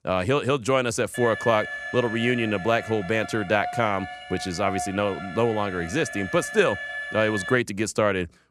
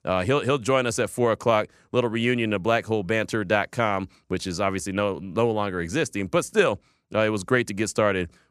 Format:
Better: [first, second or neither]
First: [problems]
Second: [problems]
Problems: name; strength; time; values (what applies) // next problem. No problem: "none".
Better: second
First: alarm; noticeable; from 1 to 7.5 s; peak 6 dB below the speech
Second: none